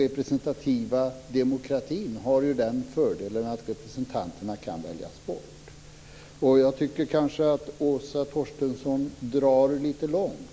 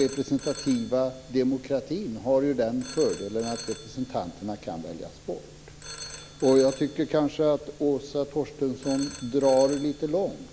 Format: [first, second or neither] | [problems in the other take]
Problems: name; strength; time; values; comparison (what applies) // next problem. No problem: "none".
first | background sound (Telephone); 15 dB below the speech